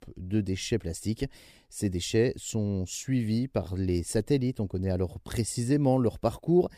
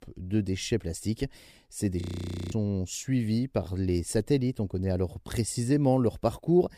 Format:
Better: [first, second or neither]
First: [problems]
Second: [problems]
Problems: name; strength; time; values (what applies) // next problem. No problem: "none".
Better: first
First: none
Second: audio freezing; at 2 s for 0.5 s